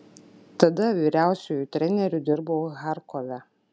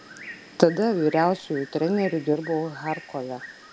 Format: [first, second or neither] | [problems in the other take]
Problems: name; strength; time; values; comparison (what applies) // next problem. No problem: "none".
first | background sound (Bird); 17 dB below the speech